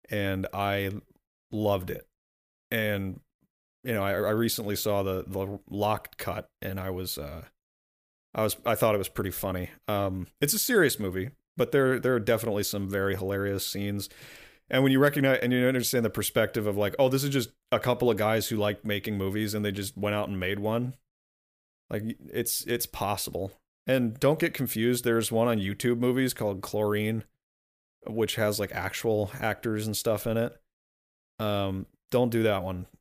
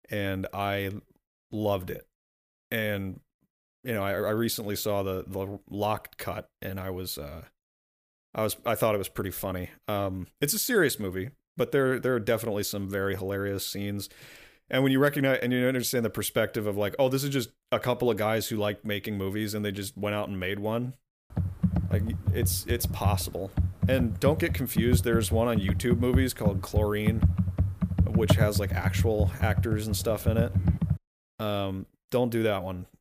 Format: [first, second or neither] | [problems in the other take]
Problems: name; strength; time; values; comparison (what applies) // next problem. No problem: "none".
first | keyboard typing; loud; from 21 to 31 s; peak 5 dB above the speech